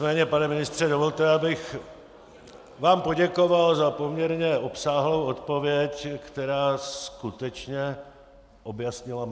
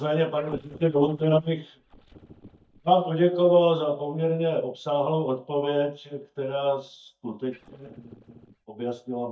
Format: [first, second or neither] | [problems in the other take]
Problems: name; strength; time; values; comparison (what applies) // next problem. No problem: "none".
first | noise reduction (neural mask model DeepFilterNet 3)